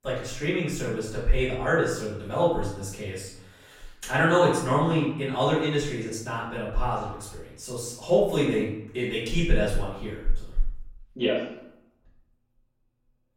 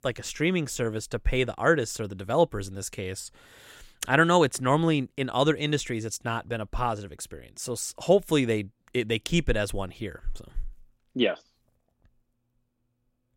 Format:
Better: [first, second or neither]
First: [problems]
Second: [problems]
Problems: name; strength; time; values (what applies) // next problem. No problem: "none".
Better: second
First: off-mic speech; far // room echo; noticeable; dies away in 0.7 s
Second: none